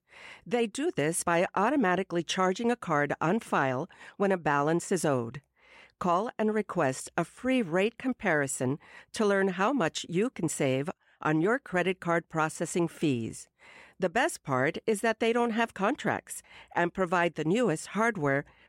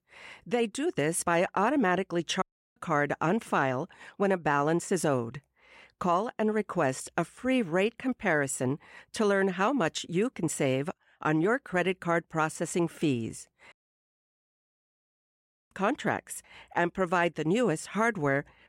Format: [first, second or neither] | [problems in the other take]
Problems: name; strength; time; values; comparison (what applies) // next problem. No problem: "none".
first | audio cutting out; at 2.5 s and at 14 s for 2 s